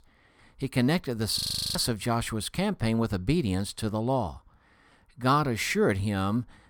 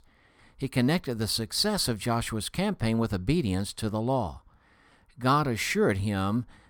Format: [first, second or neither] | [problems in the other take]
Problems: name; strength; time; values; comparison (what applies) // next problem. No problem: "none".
second | audio freezing; at 1.5 s